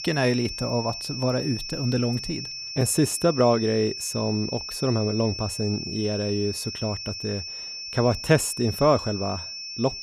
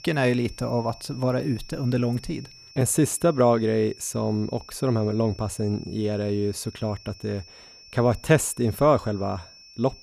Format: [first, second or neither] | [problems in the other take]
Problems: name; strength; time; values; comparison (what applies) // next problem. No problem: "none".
second | high-pitched whine; loud; throughout; 5.5 kHz, 7 dB below the speech; faint in the second